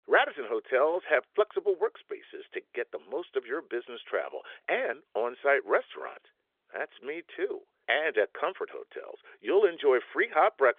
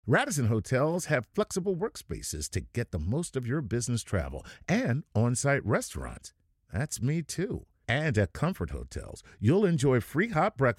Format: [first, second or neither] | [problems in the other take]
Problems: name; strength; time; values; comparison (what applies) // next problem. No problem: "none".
second | phone-call audio; nothing above 3.5 kHz